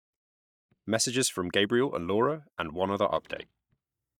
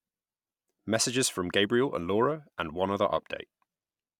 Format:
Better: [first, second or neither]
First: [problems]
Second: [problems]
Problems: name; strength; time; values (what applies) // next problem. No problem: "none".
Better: second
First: noise reduction (neural mask model DeepFilterNet 3)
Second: none